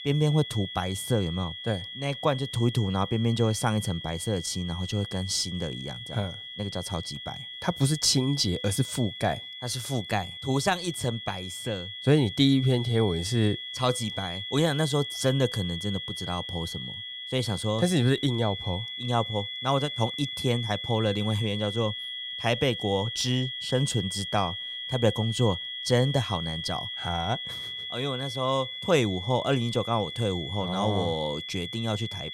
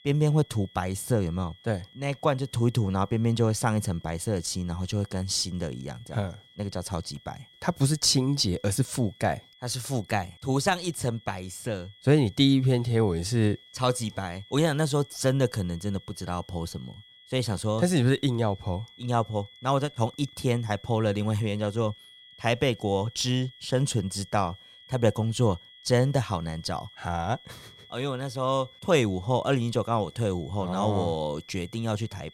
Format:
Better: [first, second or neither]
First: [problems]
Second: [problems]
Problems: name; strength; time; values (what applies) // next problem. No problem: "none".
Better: second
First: high-pitched whine; loud; throughout; 3.5 kHz, 7 dB below the speech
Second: high-pitched whine; faint; throughout; 3.5 kHz, 25 dB below the speech